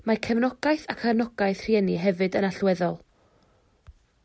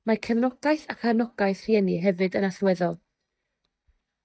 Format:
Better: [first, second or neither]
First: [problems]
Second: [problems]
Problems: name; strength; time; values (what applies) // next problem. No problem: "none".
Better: first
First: none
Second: noise reduction (neural mask model DeepFilterNet 3)